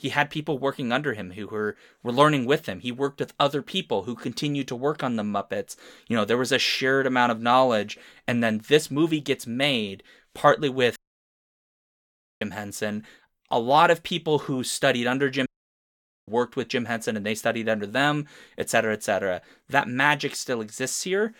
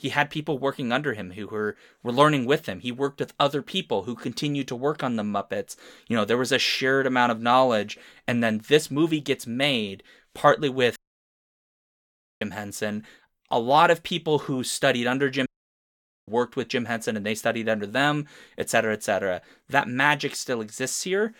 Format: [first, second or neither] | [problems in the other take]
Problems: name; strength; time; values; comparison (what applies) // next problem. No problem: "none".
neither | audio cutting out; at 11 s for 1.5 s and at 15 s for 1 s; the same in both